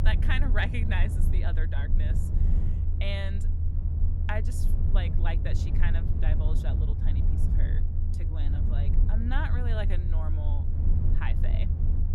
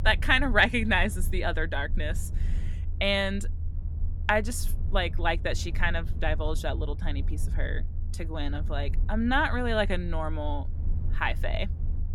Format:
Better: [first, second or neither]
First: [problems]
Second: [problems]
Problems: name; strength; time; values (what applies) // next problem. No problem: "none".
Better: second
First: low rumble; loud; throughout; 6 dB below the speech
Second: low rumble; faint; throughout; 25 dB below the speech